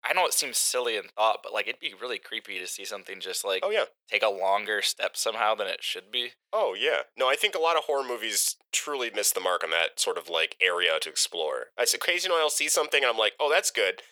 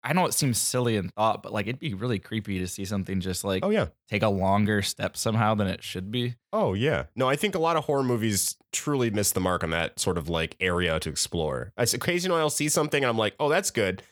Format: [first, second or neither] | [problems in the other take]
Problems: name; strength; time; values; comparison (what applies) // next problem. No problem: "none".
second | thin; very; fading below 500 Hz